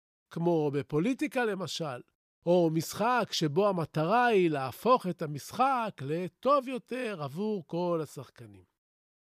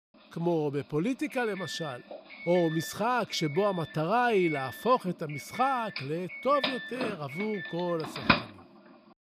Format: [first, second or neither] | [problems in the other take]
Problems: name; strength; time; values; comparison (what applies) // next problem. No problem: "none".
first | doorbell; loud; from 6 to 8.5 s; peak 4 dB above the speech